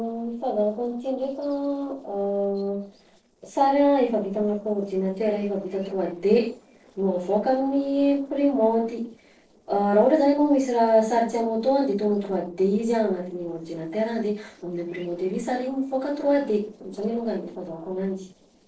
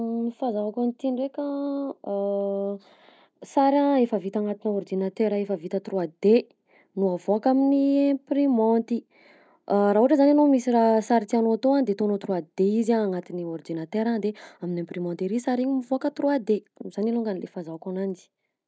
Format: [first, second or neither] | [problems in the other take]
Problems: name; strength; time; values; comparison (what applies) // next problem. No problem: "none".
second | noise reduction (neural separator model SepFormer DNS4)